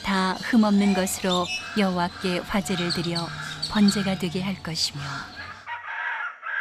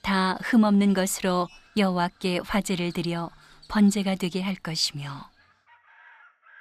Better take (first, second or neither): second